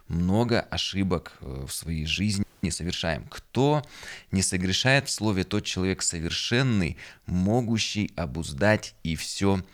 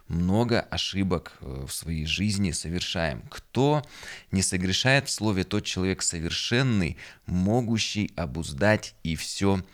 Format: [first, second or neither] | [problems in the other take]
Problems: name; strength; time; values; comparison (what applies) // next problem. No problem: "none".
second | audio freezing; at 2.5 s